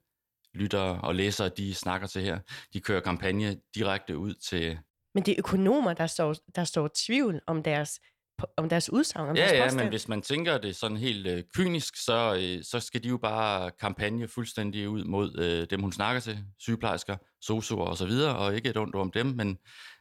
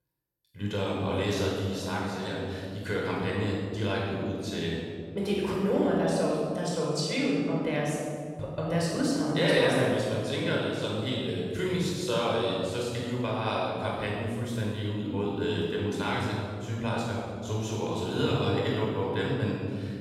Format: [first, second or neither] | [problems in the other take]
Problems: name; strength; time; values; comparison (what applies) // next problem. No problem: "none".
first | room echo; strong; dies away in 1.9 s // off-mic speech; far